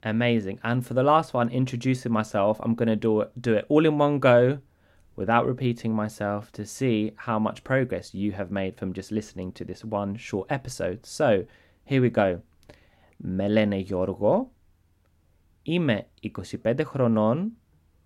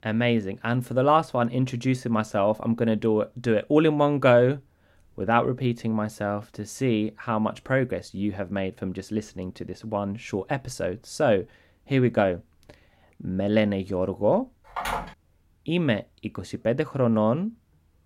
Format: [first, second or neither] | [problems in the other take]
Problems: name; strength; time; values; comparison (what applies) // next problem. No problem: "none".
first | phone ringing; noticeable; at 15 s; peak 5 dB below the speech